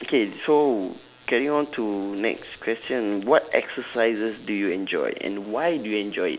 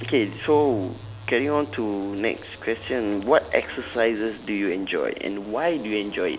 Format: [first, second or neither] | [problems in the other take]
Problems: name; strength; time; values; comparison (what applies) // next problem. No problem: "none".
first | background sound (Motorcycle); 17 dB below the speech